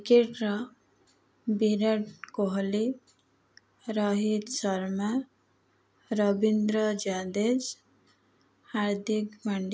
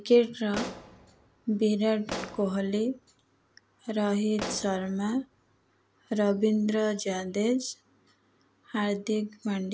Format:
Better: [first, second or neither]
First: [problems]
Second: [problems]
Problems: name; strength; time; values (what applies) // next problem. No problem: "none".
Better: first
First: none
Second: background sound (Explosion); 13 dB below the speech